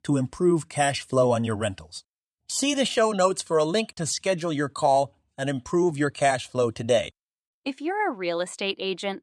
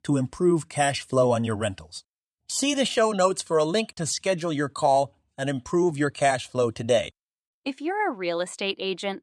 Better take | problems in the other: neither | none

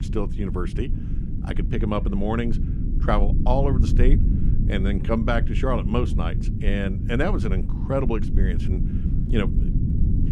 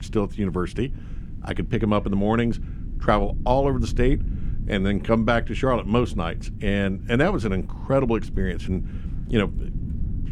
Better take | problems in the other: second | low rumble; loud; throughout; 9 dB below the speech; faint in the second

